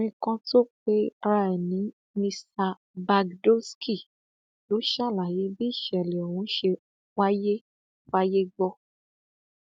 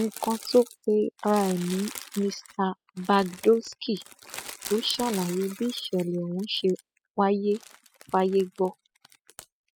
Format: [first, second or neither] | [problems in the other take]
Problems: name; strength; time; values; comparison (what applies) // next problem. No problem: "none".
first | noise reduction (classical method spectral subtraction)